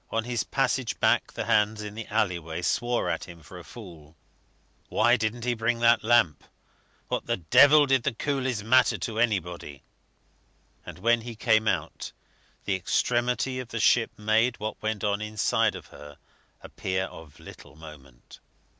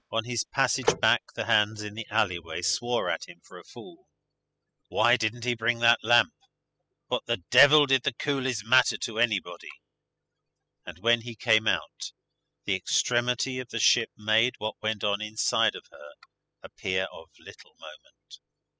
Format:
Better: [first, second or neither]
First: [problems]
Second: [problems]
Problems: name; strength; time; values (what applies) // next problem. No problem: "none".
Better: first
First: none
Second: noise reduction (classical method spectral subtraction)